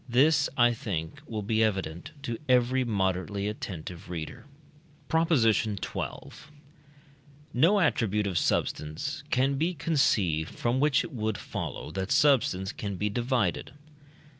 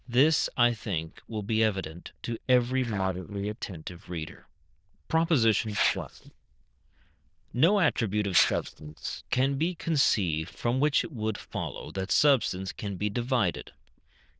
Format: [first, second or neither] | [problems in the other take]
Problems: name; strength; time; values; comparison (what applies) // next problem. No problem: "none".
first | noise reduction (neural diffusion model UNIVERSE++)